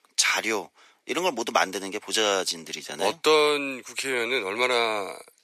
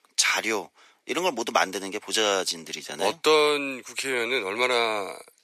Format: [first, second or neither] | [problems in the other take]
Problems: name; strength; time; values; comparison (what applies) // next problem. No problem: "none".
neither | thin; very; fading below 450 Hz; the same in both